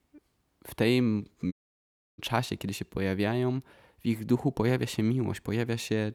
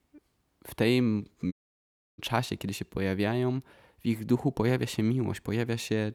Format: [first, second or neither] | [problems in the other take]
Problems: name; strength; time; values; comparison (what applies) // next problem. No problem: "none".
neither | audio cutting out; at 1.5 s for 0.5 s; the same in both